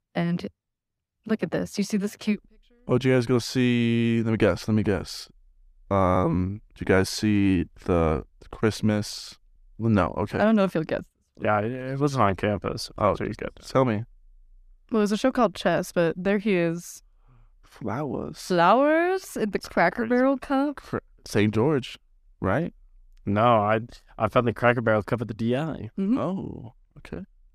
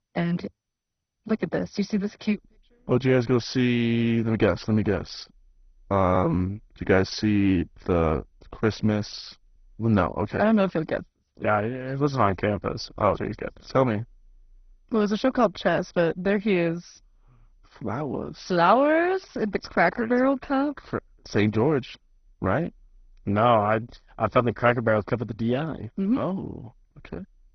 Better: first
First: none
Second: garbled, watery; badly; nothing above 6 kHz

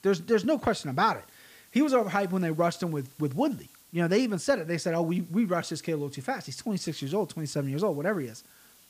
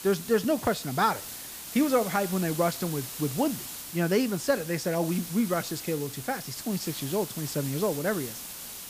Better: first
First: hiss; faint; throughout; 25 dB below the speech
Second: hiss; loud; throughout; 8 dB below the speech

